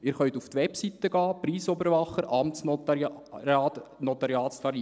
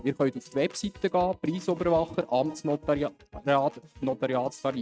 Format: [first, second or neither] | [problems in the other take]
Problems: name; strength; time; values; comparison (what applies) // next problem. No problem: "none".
first | noise reduction (neural mask model RNNoise)